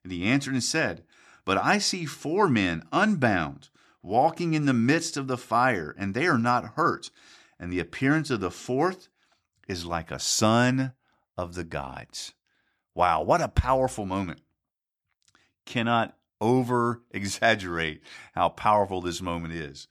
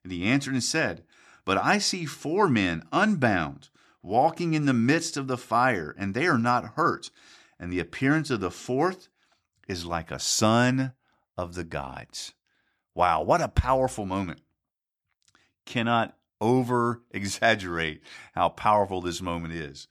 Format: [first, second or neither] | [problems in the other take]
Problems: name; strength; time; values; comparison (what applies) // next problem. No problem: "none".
neither | none